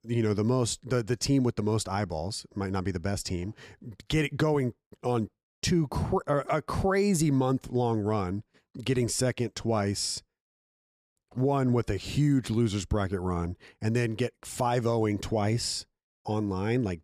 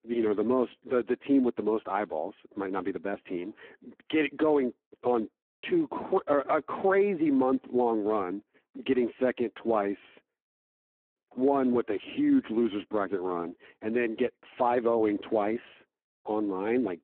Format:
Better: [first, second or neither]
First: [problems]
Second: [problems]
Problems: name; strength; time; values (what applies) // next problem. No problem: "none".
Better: first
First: none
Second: phone-call audio; poor line